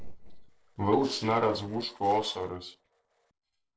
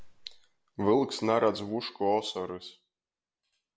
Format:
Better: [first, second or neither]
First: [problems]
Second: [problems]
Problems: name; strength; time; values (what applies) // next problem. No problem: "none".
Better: second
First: noise reduction (neural separator model SepFormer DNS4)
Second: none